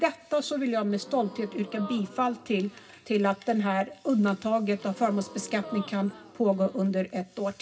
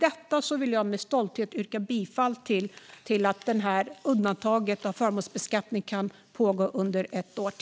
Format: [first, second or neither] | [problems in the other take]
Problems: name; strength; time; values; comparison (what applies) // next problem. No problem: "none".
second | background sound (Gasp); 19 dB below the speech // room echo; dies away in 0.4 s